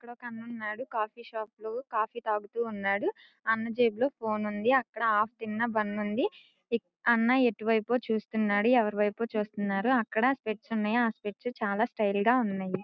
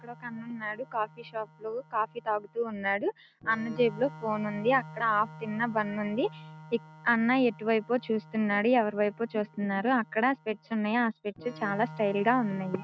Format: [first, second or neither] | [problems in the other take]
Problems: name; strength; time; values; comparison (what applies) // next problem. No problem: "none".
first | background sound (Organ); 18 dB below the speech